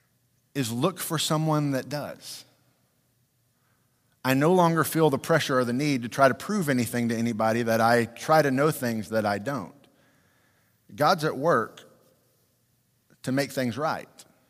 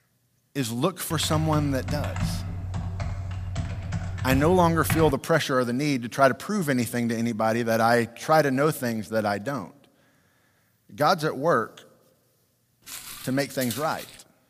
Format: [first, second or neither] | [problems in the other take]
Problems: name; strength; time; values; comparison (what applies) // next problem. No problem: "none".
first | keyboard typing; noticeable; from 1 to 5 s; peak 4 dB below the speech // footsteps; noticeable; from 13 s on; peak 10 dB below the speech